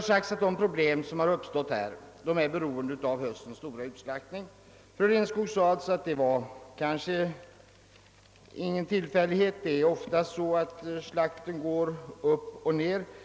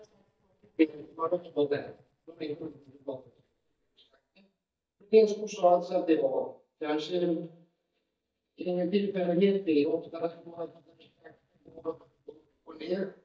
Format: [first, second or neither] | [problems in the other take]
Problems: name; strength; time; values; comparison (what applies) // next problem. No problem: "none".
first | noise reduction (neural mask model DeepFilterNet 3)